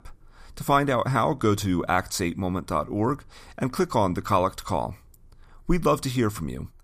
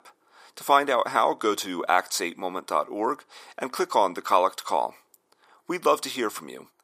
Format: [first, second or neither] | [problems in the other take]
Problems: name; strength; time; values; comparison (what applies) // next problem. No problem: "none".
first | thin; somewhat; fading below 350 Hz